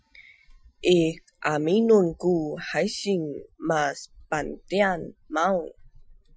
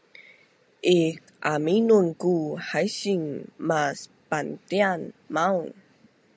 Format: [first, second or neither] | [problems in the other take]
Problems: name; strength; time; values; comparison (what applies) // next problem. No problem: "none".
second | noise reduction (classical method Wiener filter)